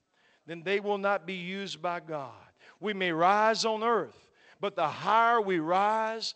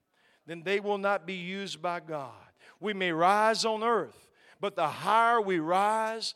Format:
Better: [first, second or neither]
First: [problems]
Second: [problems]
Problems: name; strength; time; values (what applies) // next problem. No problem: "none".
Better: second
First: garbled, watery; slightly; nothing above 8 kHz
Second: none